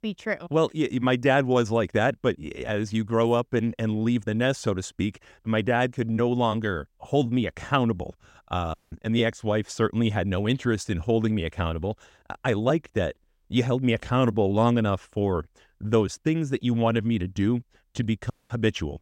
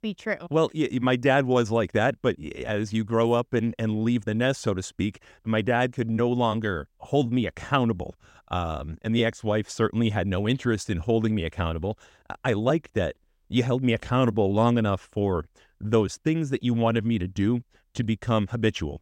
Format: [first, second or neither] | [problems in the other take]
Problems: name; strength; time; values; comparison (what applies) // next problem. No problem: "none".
second | audio cutting out; at 8.5 s and at 18 s